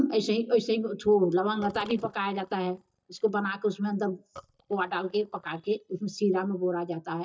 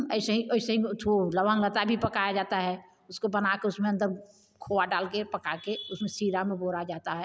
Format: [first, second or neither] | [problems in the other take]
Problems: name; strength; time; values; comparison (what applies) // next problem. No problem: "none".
second | noise reduction (neural mask model DeepFilterNet 3)